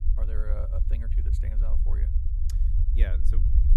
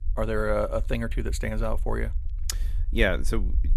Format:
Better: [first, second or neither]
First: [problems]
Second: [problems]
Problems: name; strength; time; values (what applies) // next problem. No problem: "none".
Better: second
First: low rumble; loud; throughout; 2 dB below the speech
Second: low rumble; faint; throughout; 25 dB below the speech